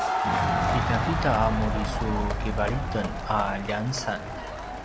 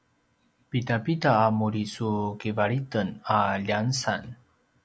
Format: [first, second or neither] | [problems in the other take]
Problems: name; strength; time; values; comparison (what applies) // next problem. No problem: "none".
second | background sound (Crowd + Boom); 2 dB above the speech